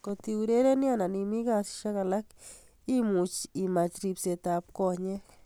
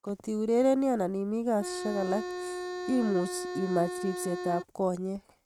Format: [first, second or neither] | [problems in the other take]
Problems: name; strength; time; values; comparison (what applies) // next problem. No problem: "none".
first | noise reduction (neural mask model RNNoise)